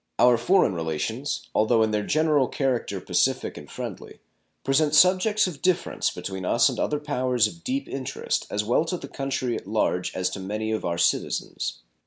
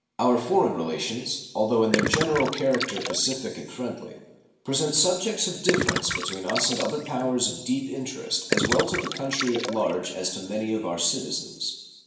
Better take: first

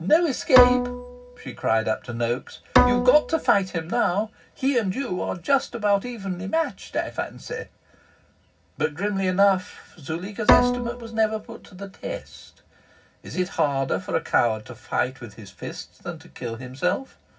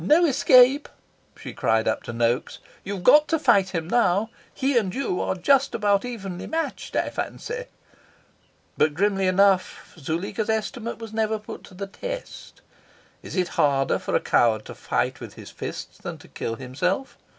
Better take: second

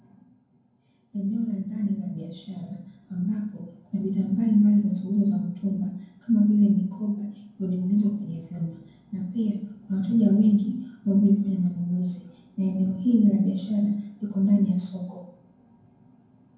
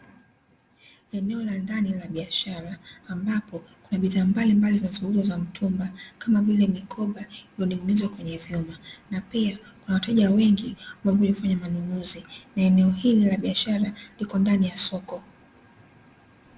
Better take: second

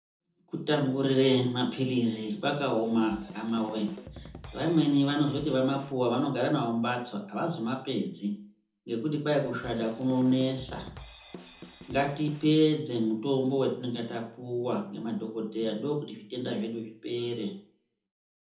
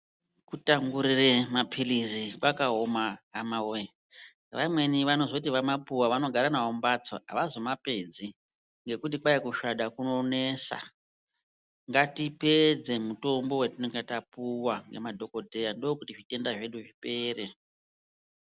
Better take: second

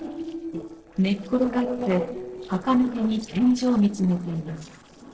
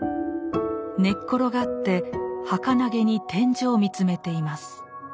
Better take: second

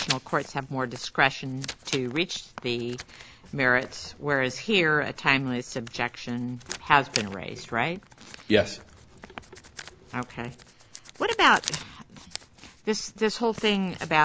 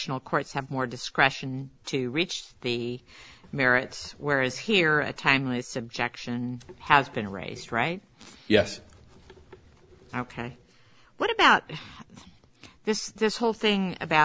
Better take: second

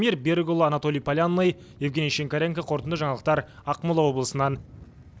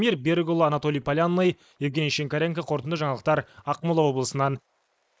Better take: first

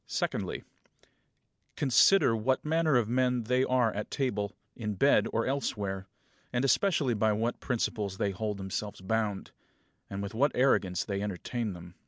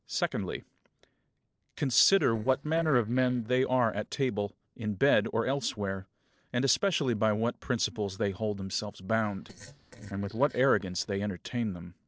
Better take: first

